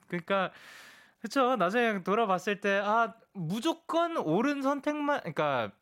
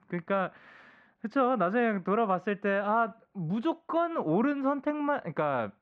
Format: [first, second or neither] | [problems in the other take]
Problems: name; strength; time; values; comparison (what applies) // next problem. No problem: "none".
first | muffled; very; fading above 2 kHz